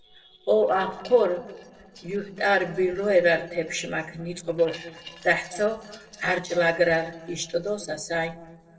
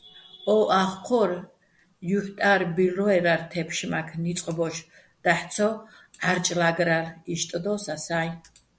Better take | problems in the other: second | noise reduction (neural separator model SepFormer DNS4)

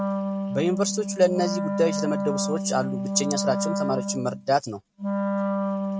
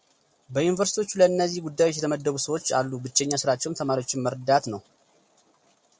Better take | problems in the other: second | noise reduction (neural mask model RNNoise)

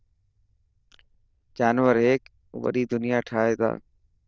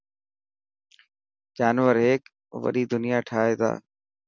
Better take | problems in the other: second | noise reduction (neural diffusion model UNIVERSE++)

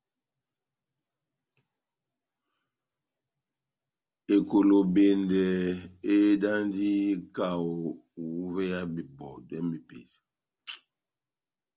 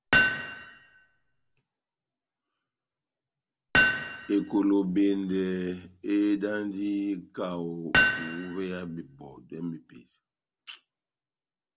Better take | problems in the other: first | background sound (Hammer); 3 dB above the speech

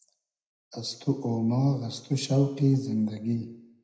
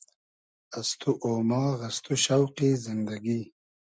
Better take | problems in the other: second | room echo; dies away in 0.8 s

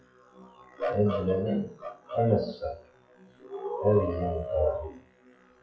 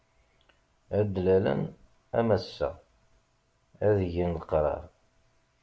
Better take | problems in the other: second | noise reduction (classical method WPE with log-MMSE)

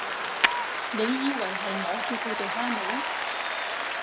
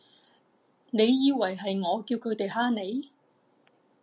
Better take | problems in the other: second | background sound (Tap / Hammer + Applause); 4 dB above the speech

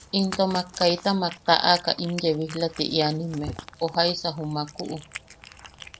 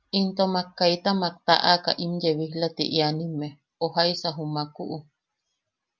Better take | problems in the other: second | background sound (Cat); 16 dB below the speech

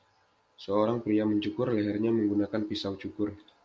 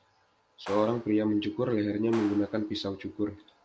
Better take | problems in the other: first | background sound (Clapping); 18 dB below the speech

